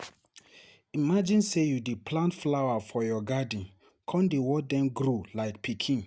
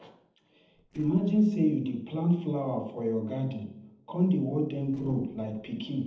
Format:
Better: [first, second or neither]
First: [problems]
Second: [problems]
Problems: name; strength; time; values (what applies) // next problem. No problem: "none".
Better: first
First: none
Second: noise reduction (neural separator model SepFormer DNS4)